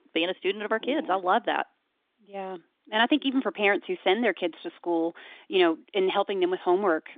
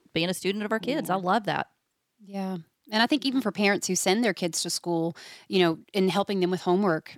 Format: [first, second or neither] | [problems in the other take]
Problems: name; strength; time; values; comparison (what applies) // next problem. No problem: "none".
second | phone-call audio; nothing above 3 kHz